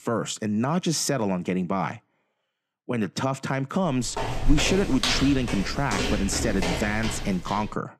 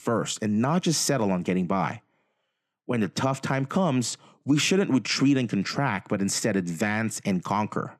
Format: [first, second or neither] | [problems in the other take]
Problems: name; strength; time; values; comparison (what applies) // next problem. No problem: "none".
second | footsteps; loud; from 4 to 7.5 s; peak level with the speech